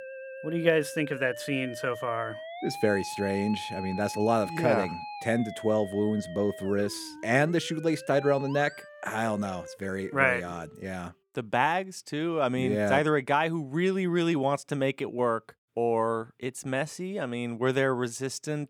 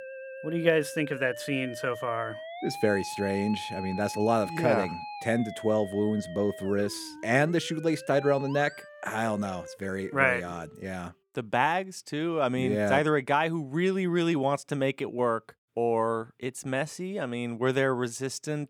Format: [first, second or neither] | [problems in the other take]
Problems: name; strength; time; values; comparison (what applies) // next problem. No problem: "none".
neither | background music; noticeable; until 11 s; 15 dB below the speech; the same in both